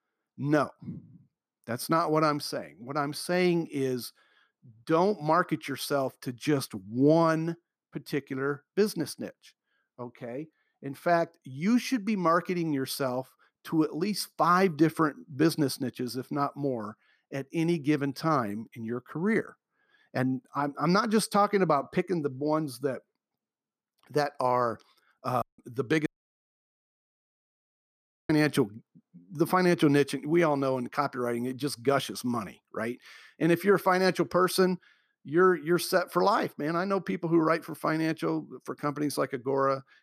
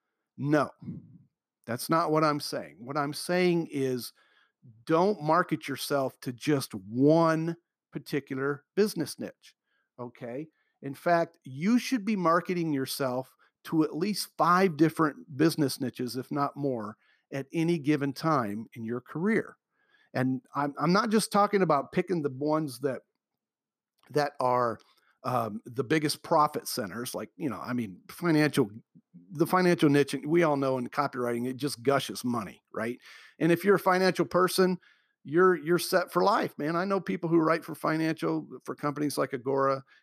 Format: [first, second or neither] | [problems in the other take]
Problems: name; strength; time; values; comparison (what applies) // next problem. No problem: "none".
second | audio cutting out; at 25 s and at 26 s for 2 s